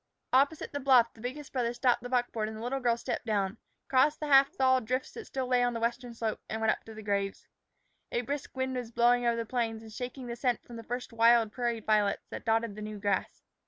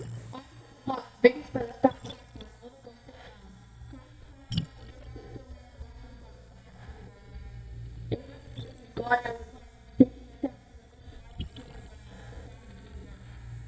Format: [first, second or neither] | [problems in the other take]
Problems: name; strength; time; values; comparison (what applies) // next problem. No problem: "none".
first | noise reduction (neural mask model DeepFilterNet 3)